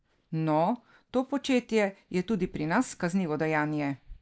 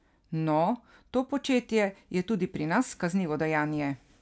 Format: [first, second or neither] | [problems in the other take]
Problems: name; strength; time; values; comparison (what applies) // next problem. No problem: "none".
second | noise reduction (neural mask model DeepFilterNet 3)